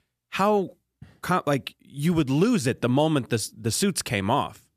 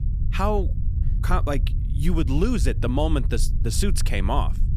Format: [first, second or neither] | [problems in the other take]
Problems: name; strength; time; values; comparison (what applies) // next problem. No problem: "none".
first | low rumble; noticeable; throughout; 15 dB below the speech